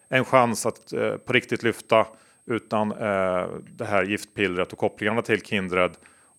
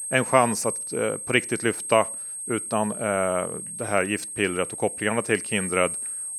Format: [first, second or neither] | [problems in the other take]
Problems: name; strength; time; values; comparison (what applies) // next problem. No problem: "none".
first | high-pitched whine; loud; throughout; 8.5 kHz, 6 dB below the speech; faint in the first